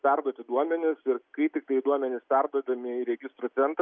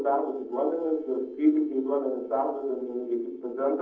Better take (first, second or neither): first